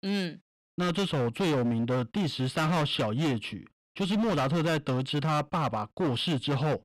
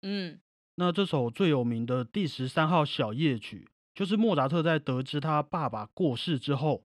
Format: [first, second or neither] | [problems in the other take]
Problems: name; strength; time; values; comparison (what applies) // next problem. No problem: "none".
second | distortion; heavy; 23% of the sound clipped